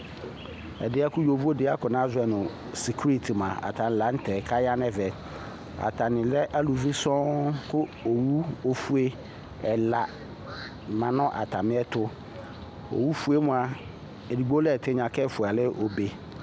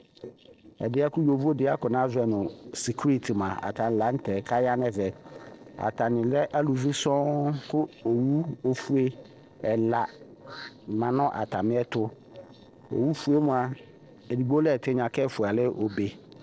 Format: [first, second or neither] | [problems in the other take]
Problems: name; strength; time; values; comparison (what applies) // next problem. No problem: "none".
first | noise reduction (neural separator model SepFormer DNS4)